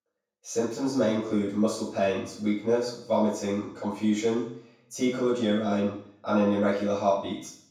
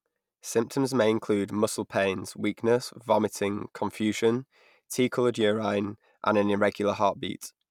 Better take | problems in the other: second | room echo; dies away in 0.6 s

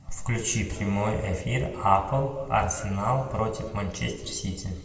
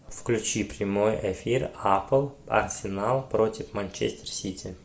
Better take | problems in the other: second | background sound (Musical instrument); 20 dB below the speech // room echo; dies away in 1.7 s

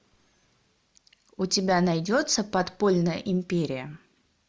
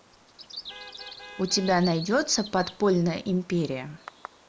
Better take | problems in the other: first | background sound (Vehicle horn, car horn, honking + Bird vocalization, bird call, bird song); 16 dB below the speech

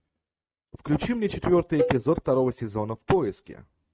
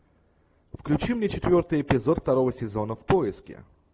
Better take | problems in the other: second | noise reduction (neural mask model RNNoise)

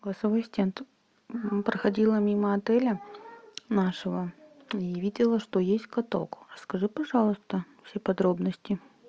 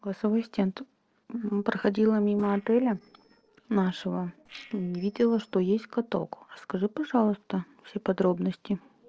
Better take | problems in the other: first | noise reduction (neural separator model SepFormer DNS4)

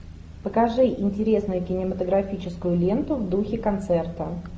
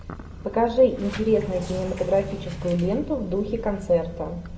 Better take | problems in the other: first | background sound (Sliding door); 14 dB below the speech // room echo; dies away in 0.6 s

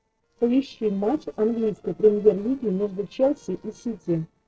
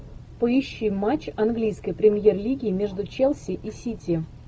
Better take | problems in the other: second | noise reduction (neural separator model SepFormer DNS4)

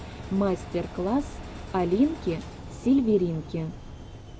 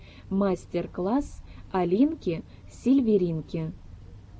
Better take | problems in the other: second | background sound (Engine); 13 dB below the speech

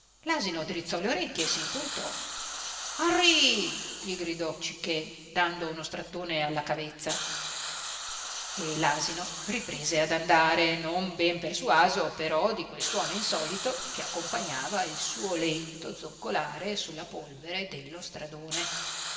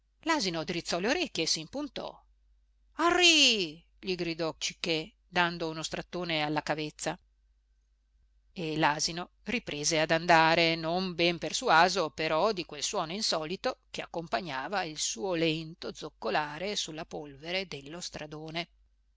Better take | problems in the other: second | background sound (Hiss); 9 dB below the speech // room echo; dies away in 2 s

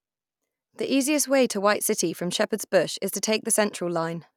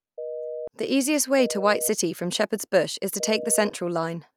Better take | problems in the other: first | background sound (Telephone); 10 dB below the speech

